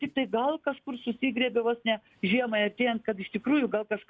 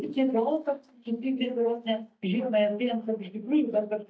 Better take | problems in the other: first | noise reduction (neural mask model DeepFilterNet 3)

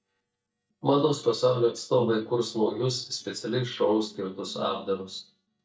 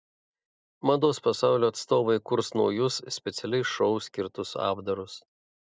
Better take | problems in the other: second | noise reduction (neural mask model DeepFilterNet 3)

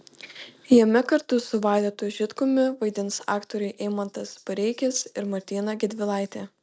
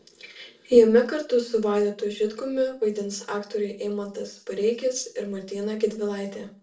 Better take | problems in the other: first | room echo; dies away in 0.3 s

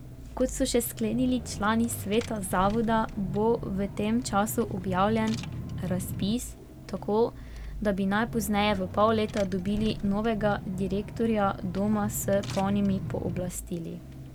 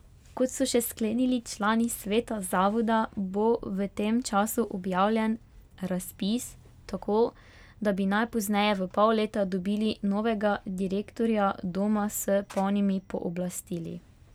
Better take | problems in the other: second | background sound (Engine / Car); 9 dB below the speech

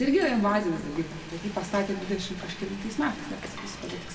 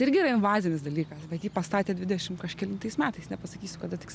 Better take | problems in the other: second | background sound (Frying (food)); 13 dB below the speech // room echo; dies away in 1.7 s

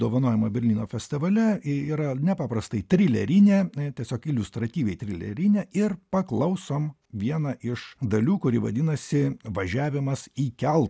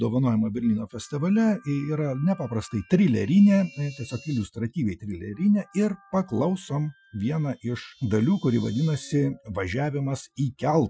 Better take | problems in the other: first | noise reduction (classical method Wiener filter)

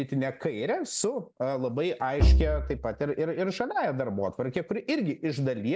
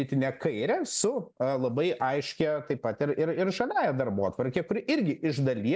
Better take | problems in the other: second | background sound (Bowed string instrument); 4 dB above the speech

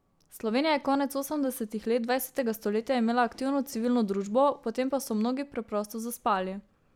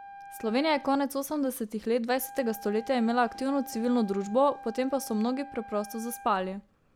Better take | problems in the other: first | background sound (Wind instrument, woodwind instrument); 17 dB below the speech

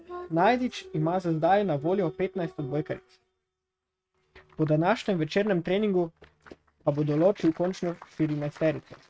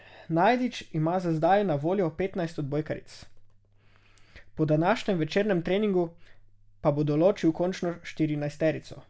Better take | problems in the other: second | noise reduction (neural mask model RNNoise)

